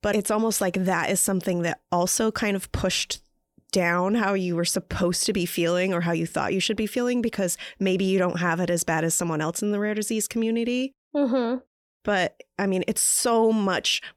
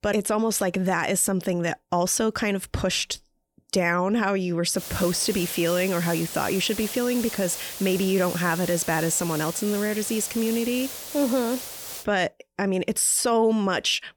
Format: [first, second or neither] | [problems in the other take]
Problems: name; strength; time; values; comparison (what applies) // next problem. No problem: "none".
first | hiss; loud; from 5 to 12 s; 9 dB below the speech